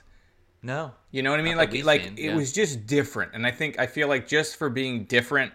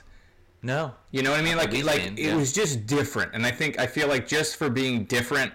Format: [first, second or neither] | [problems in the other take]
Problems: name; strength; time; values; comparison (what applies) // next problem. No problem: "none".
first | distortion; heavy; 16% of the sound clipped